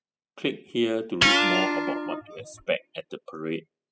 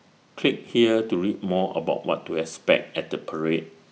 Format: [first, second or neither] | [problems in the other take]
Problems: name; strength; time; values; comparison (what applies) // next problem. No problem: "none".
second | noise reduction (classical method spectral subtraction)